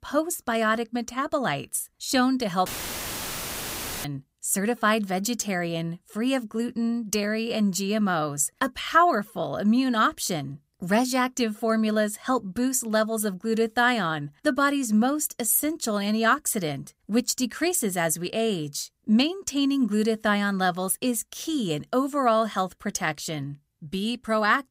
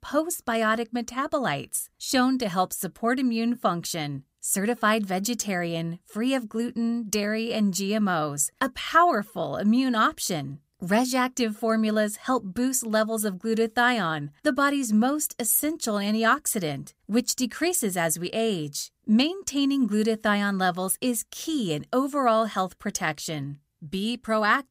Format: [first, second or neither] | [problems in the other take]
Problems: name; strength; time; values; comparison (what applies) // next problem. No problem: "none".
second | audio cutting out; filled with static; at 2.5 s for 1.5 s